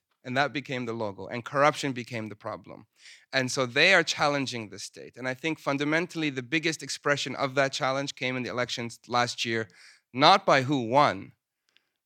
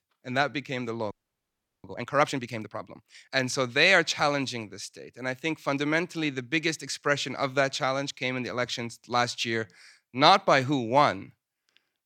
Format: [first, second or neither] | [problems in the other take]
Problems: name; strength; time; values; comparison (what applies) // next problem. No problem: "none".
first | audio freezing; at 1 s for 0.5 s